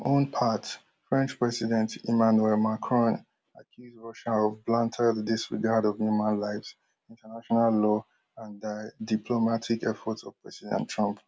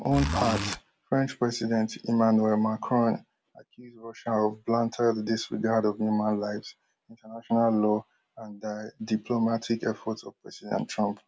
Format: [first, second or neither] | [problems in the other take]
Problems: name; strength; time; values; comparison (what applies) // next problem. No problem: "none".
first | background sound (Zipper (clothing)); 2 dB below the speech